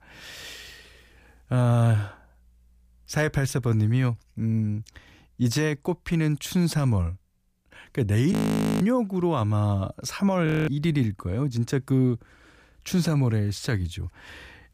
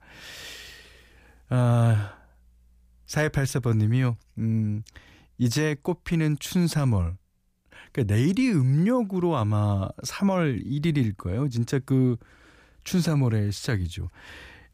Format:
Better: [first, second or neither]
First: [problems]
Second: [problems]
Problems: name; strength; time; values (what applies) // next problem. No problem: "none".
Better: second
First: audio freezing; at 8.5 s and at 10 s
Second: none